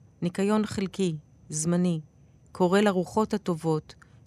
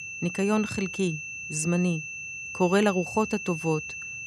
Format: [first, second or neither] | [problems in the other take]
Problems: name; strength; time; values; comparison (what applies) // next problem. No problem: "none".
first | high-pitched whine; loud; throughout; 2.5 kHz, 7 dB below the speech